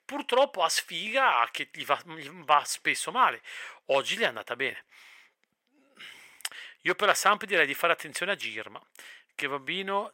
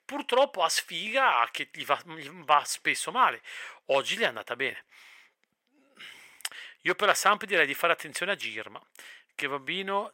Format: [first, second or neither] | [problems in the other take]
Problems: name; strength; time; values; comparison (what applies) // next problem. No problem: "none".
neither | thin; very; fading below 700 Hz; the same in both